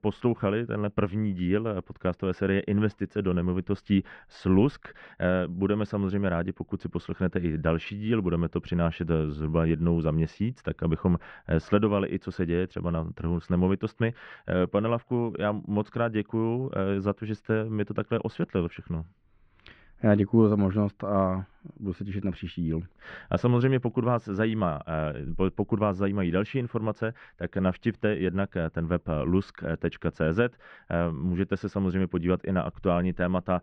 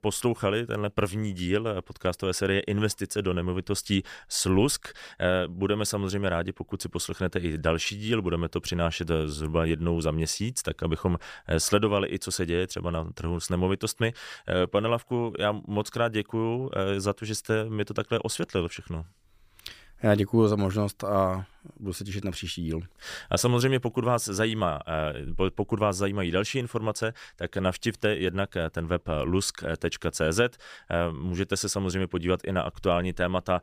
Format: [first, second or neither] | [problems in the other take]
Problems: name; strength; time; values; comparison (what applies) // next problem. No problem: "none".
second | muffled; very; fading above 2.5 kHz